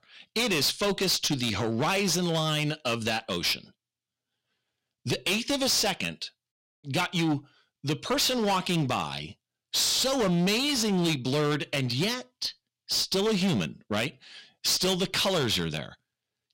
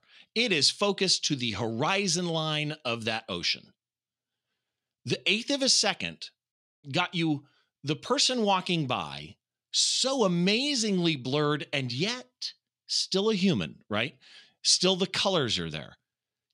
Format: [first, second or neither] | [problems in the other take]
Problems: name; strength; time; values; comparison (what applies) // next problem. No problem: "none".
second | distortion; heavy; 16% of the sound clipped